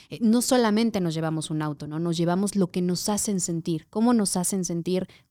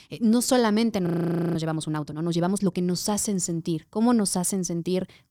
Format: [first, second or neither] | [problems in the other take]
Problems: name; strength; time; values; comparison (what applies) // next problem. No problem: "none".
first | audio freezing; at 1 s